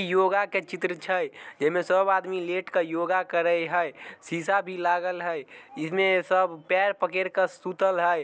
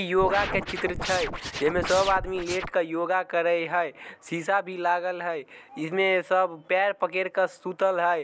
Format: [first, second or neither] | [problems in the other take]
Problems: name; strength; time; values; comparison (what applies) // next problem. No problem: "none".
first | background sound (Scratching (performance technique)); 7 dB below the speech